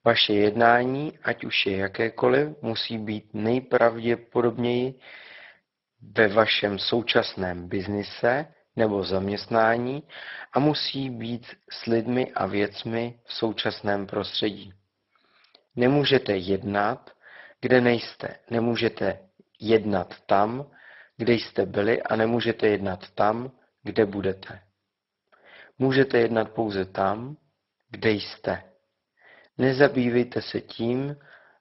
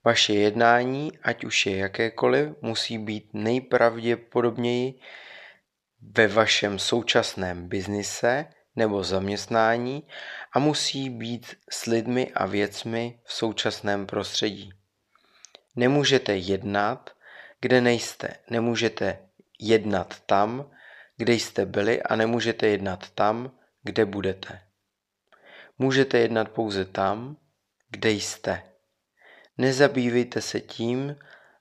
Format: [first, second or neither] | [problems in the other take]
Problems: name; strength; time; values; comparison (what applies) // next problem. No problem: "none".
second | garbled, watery; badly; nothing above 5.5 kHz